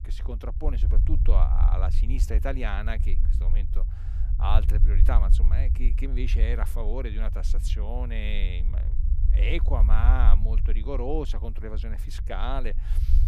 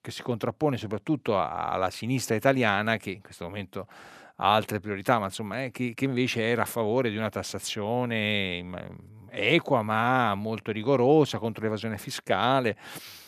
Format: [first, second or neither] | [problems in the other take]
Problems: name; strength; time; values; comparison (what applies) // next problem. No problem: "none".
second | low rumble; noticeable; throughout; 10 dB below the speech